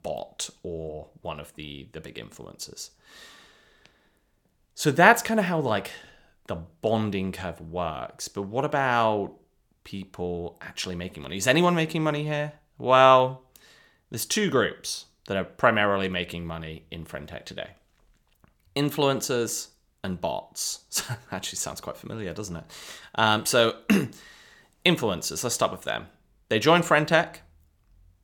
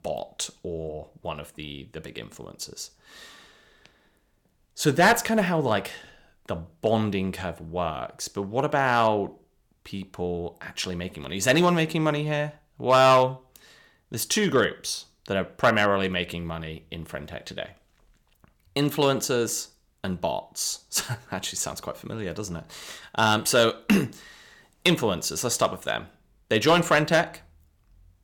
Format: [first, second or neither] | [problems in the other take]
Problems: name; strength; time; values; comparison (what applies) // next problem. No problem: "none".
first | distortion; slight; 0.9% of the sound clipped